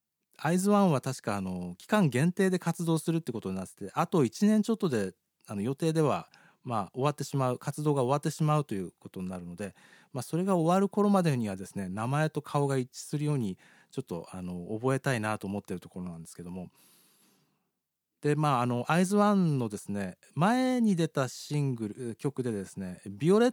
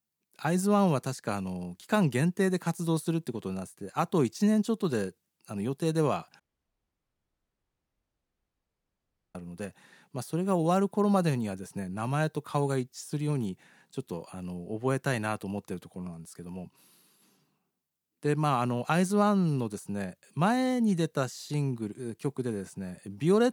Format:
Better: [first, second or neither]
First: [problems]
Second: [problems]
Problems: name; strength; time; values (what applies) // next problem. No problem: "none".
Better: first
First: none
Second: audio cutting out; at 6.5 s for 3 s